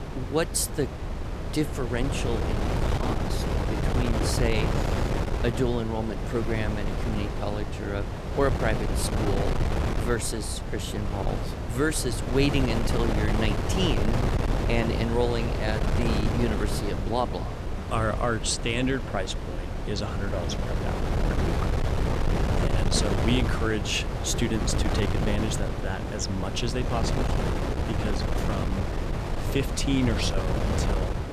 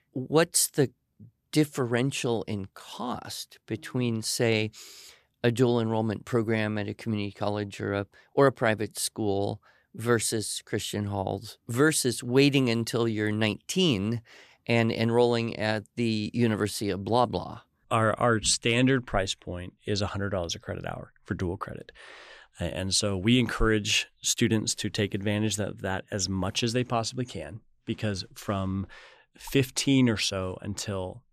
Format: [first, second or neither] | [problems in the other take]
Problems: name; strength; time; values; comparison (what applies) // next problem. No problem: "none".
second | wind noise on the microphone; heavy; 2 dB below the speech